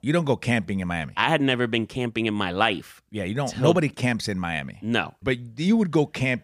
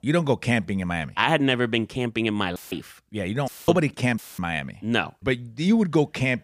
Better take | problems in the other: first | audio cutting out; filled with static; at 2.5 s, at 3.5 s and at 4 s

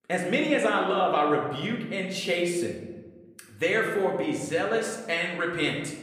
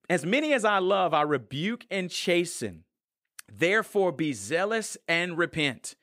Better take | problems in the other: second | room echo; noticeable; dies away in 1 s // off-mic speech; somewhat distant

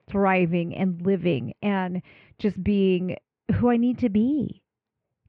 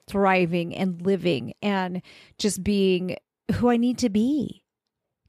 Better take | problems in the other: second | muffled; very; fading above 2.5 kHz

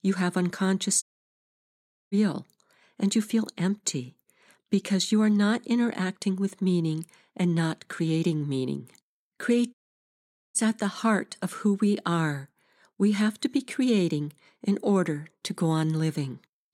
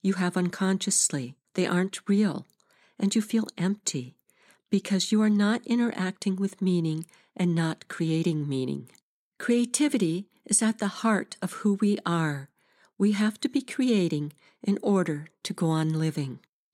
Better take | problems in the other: second | audio cutting out; at 1 s for 1 s and at 9.5 s for 1 s

